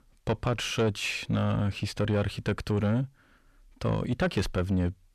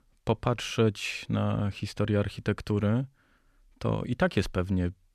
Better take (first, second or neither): second